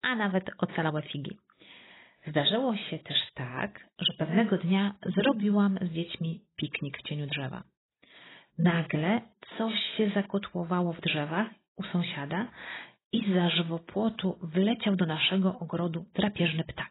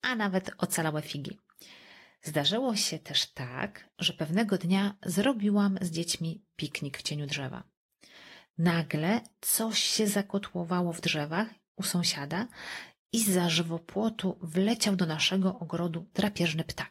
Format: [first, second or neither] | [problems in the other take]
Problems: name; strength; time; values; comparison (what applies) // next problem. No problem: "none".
second | garbled, watery; badly; nothing above 4 kHz; slightly in the second